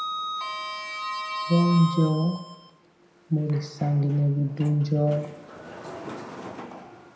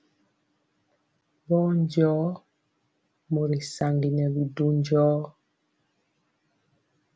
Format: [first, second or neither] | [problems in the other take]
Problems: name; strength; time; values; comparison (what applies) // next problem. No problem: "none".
second | background sound (Sliding door); 10 dB below the speech // room echo; dies away in 0.8 s